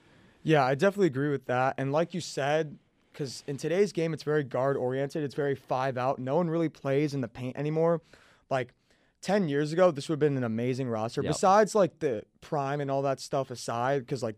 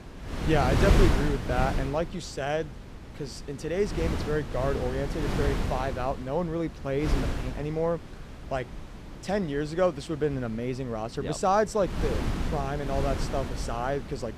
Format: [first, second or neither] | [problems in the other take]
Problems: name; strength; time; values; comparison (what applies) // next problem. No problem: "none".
first | wind noise on the microphone; heavy; 5 dB below the speech